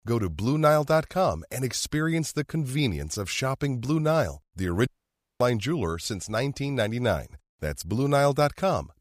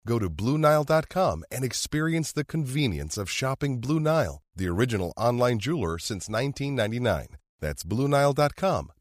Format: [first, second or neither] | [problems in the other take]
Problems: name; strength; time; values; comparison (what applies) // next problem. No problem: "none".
second | audio cutting out; at 5 s for 0.5 s